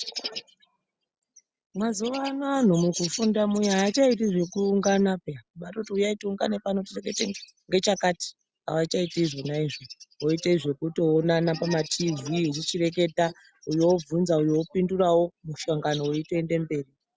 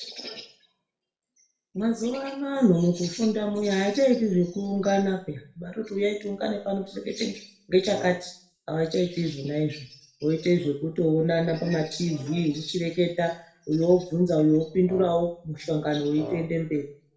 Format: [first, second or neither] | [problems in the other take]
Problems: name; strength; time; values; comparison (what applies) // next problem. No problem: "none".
first | background sound (Wind instrument, woodwind instrument); 13 dB below the speech // room echo; dies away in 0.4 s